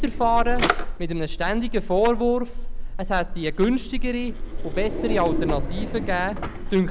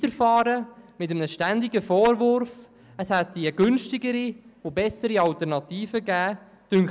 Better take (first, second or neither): second